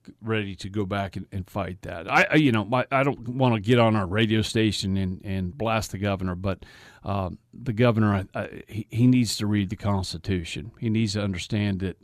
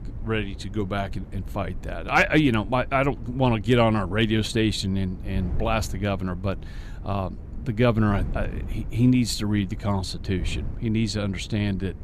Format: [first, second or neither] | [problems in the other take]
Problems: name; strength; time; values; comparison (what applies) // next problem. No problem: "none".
first | wind noise on the microphone; occasional gusts; 20 dB below the speech